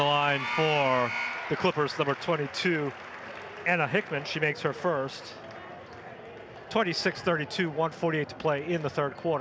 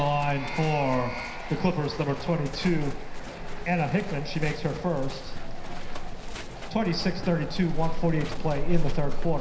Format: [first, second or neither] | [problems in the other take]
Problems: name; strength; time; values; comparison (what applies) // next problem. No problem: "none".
first | background sound (Livestock, farm animals, working animals); as loud as the speech // room echo; dies away in 0.9 s